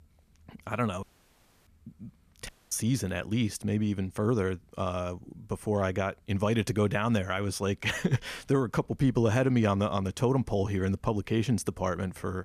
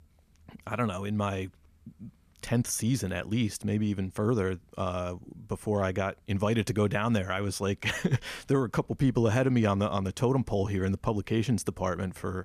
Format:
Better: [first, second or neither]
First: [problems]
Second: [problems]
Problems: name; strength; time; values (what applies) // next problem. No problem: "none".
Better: second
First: audio cutting out; at 1 s for 0.5 s and at 2.5 s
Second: none